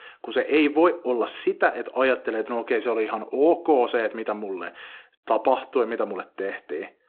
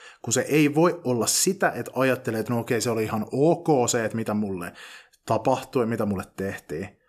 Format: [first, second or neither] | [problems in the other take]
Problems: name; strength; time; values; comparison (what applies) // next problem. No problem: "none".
second | phone-call audio